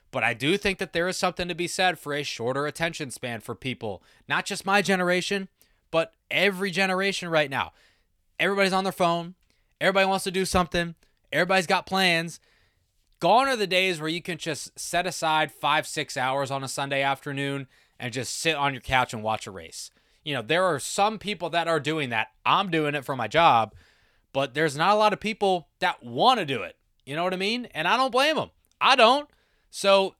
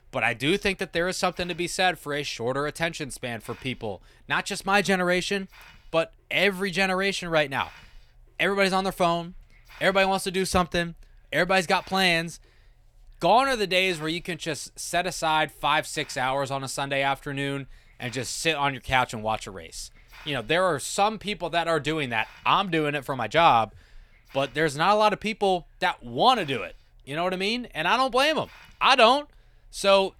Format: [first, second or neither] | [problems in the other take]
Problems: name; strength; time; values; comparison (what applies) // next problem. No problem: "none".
first | hiss; faint; throughout; 30 dB below the speech